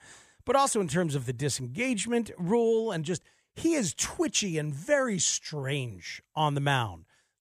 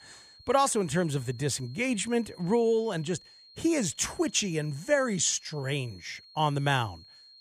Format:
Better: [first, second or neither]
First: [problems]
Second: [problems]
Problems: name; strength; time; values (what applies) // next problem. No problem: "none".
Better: first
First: none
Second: high-pitched whine; faint; throughout; 4.5 kHz, 25 dB below the speech